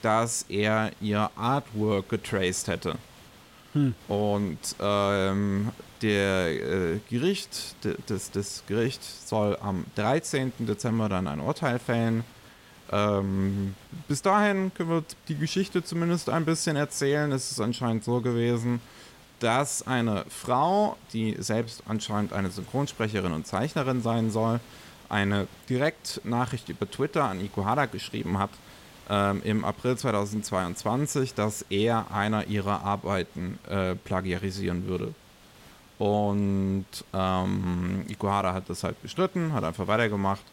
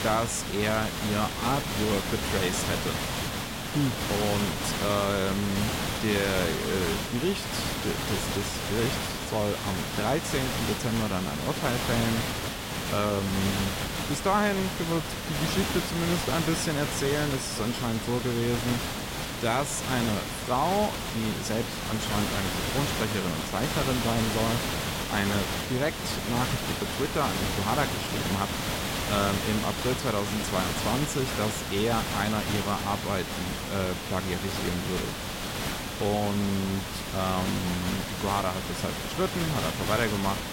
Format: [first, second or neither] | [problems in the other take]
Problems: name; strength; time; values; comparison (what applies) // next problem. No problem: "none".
first | hiss; loud; throughout; 1 dB below the speech; faint in the first